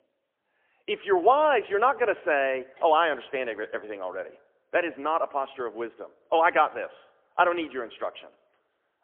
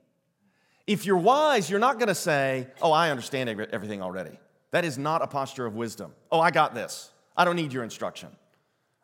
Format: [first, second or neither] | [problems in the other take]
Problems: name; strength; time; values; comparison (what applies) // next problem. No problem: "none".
second | phone-call audio; poor line; nothing above 3.5 kHz